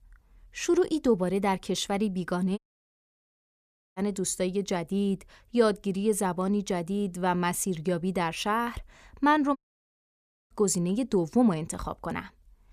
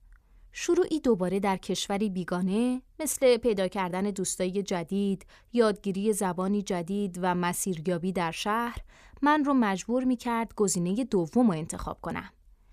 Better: second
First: audio cutting out; at 2.5 s for 1.5 s and at 9.5 s for 1 s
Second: none

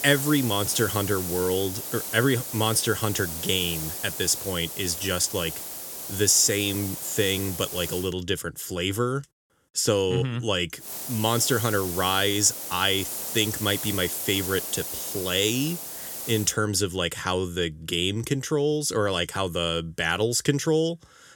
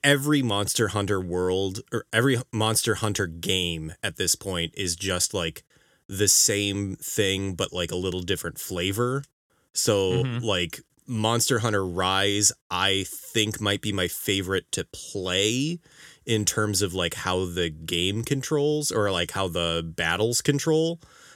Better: second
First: hiss; loud; until 8 s and from 11 to 16 s; 6 dB below the speech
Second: none

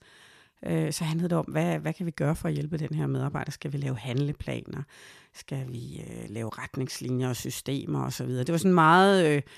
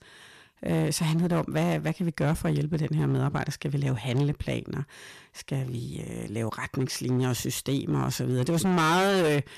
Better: first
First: none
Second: distortion; heavy; 10% of the sound clipped

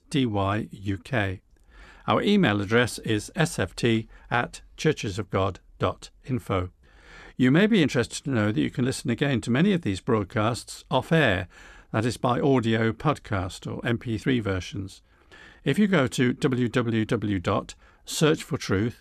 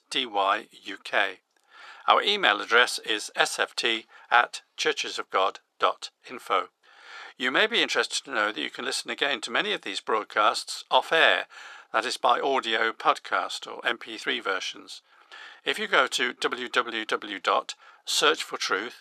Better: first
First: none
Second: thin; very; fading below 450 Hz

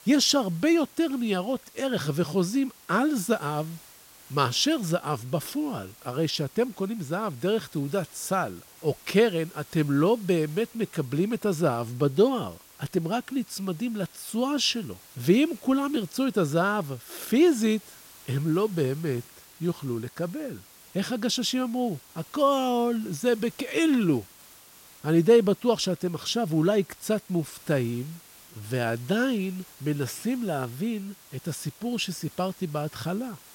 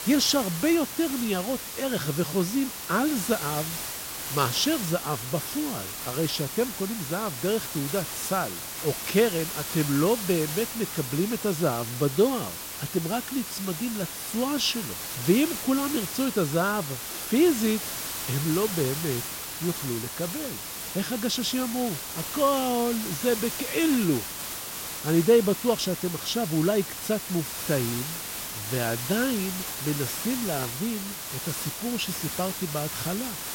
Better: first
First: hiss; faint; throughout; 20 dB below the speech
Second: hiss; loud; throughout; 5 dB below the speech

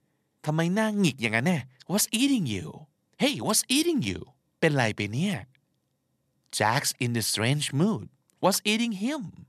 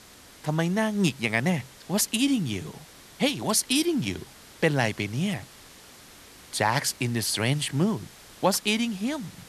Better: first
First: none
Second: hiss; faint; throughout; 20 dB below the speech

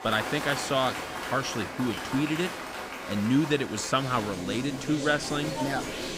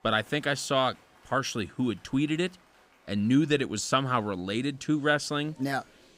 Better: second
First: crowd noise; loud; throughout; 6 dB below the speech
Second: crowd noise; faint; throughout; 30 dB below the speech

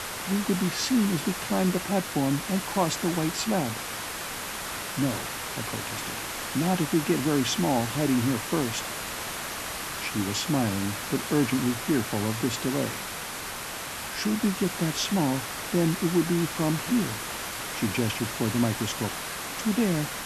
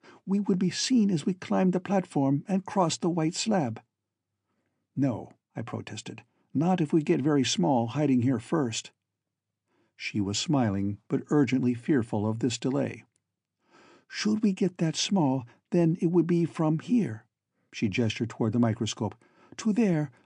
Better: second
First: hiss; loud; throughout; 5 dB below the speech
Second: none

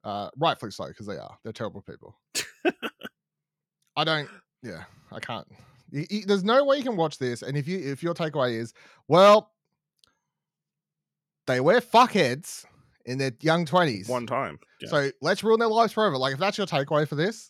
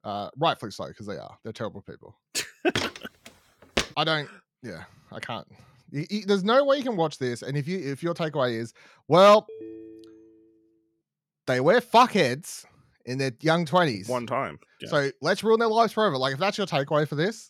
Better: first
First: none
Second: footsteps; noticeable; from 3 to 4 s; peak 5 dB below the speech // phone ringing; faint; at 9.5 s; peak 15 dB below the speech

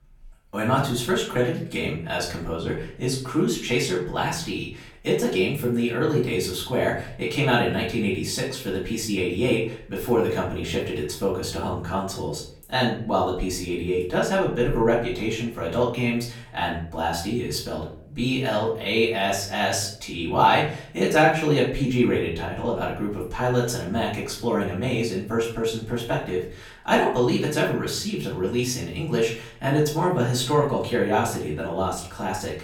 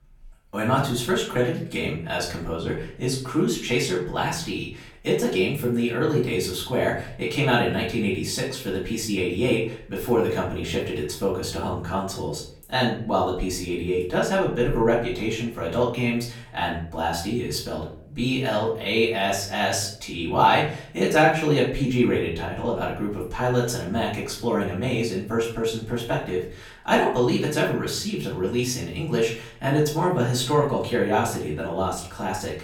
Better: neither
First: room echo; slight; dies away in 0.5 s // off-mic speech; far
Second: room echo; slight; dies away in 0.5 s // off-mic speech; far

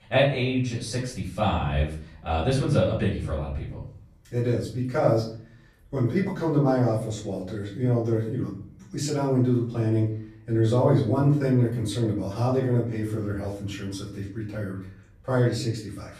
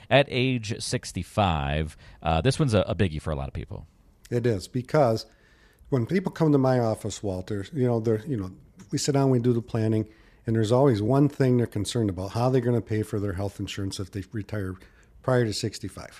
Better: second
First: off-mic speech; far // room echo; noticeable; dies away in 0.5 s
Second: none

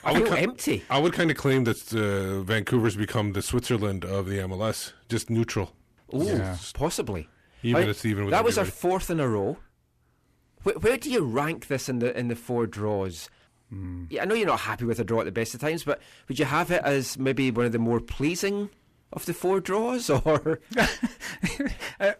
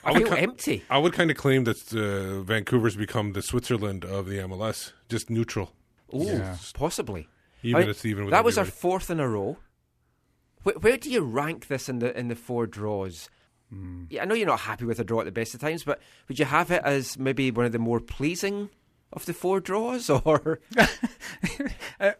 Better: second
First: distortion; slight; 10 dB below the speech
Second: none

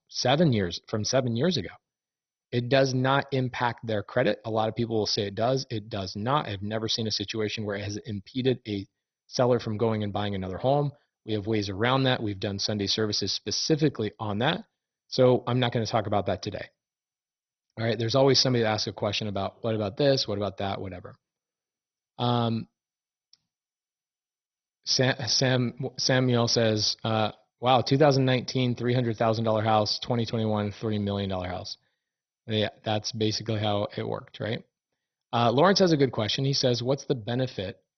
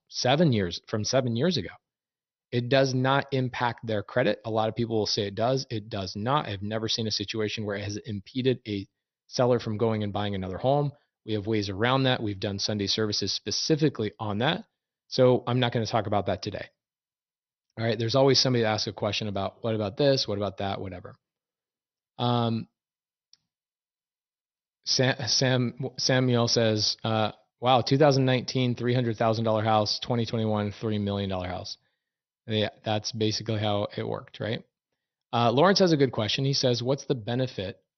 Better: second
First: garbled, watery; badly; nothing above 6 kHz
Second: garbled, watery; slightly; nothing above 6 kHz

